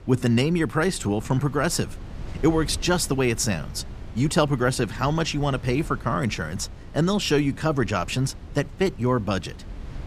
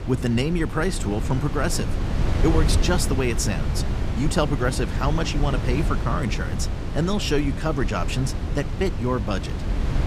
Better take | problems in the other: first | wind noise on the microphone; heavy; 8 dB below the speech; occasional gusts in the first

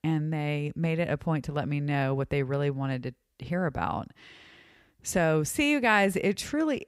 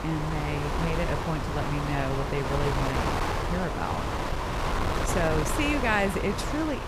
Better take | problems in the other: first | wind noise on the microphone; heavy; as loud as the speech

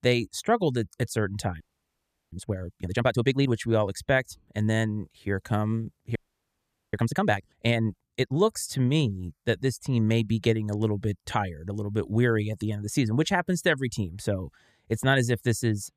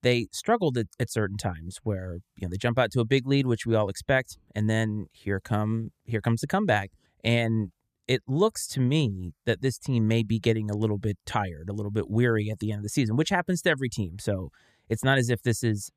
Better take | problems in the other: second | audio freezing; at 1.5 s for 0.5 s and at 6 s for 1 s

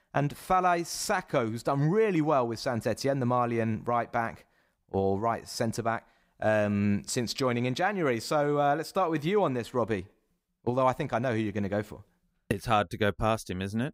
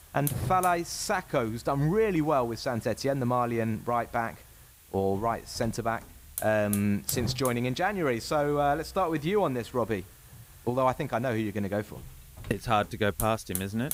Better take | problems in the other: first | hiss; noticeable; throughout; 15 dB below the speech

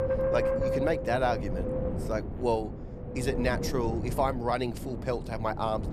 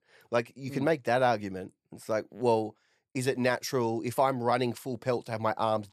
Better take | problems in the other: second | wind noise on the microphone; heavy; 3 dB below the speech

